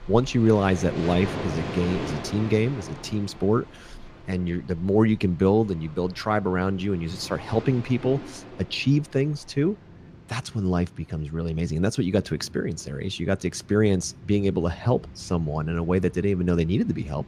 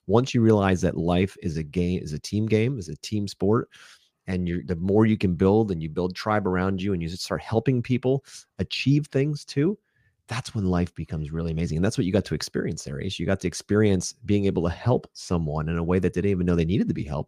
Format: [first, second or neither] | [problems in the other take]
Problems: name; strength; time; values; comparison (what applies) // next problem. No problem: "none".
second | rain or running water; noticeable; throughout; 15 dB below the speech